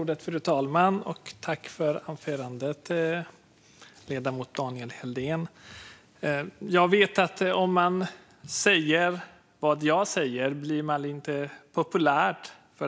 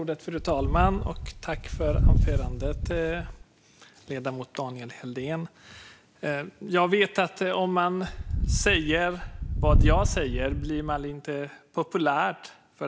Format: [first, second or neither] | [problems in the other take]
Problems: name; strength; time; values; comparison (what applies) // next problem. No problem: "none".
first | background sound (Wind); 3 dB above the speech